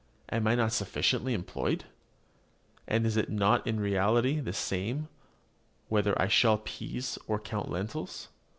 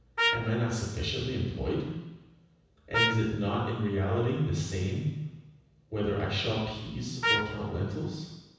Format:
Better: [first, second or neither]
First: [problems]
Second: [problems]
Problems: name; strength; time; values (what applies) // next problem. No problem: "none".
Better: first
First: none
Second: background sound (Trumpet); 1 dB below the speech // room echo; dies away in 1.1 s